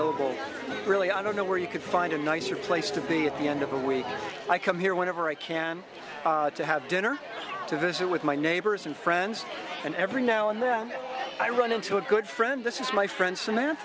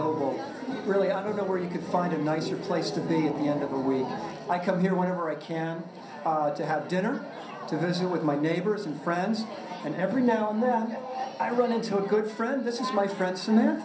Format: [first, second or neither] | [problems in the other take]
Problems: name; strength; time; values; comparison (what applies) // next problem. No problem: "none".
first | room echo; dies away in 0.6 s